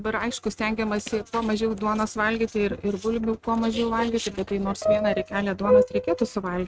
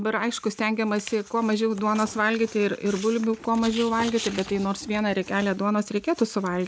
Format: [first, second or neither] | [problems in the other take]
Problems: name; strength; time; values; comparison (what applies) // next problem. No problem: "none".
second | noise reduction (neural mask model RNNoise)